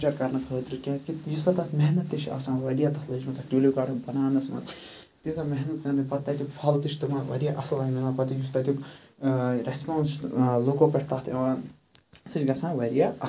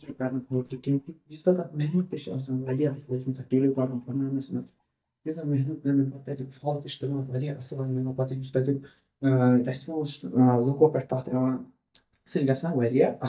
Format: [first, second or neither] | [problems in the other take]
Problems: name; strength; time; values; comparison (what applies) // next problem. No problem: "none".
first | noise reduction (neural mask model DeepFilterNet 3)